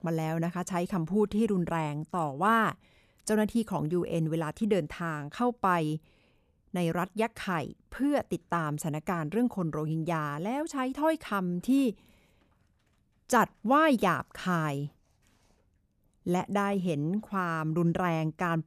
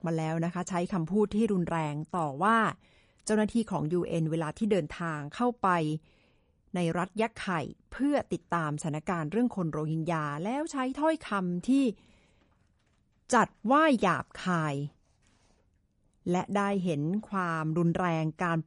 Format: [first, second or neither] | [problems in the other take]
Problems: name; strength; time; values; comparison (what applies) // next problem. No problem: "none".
first | garbled, watery; slightly; nothing above 10.5 kHz